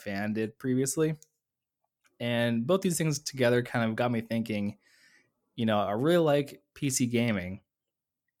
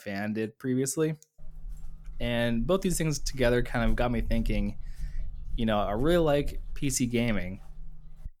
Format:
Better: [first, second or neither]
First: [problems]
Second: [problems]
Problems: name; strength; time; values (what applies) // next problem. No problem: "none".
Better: first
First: none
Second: footsteps; noticeable; from 1.5 s on; peak 7 dB below the speech